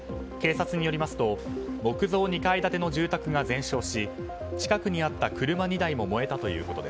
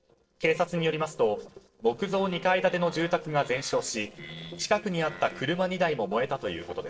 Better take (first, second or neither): first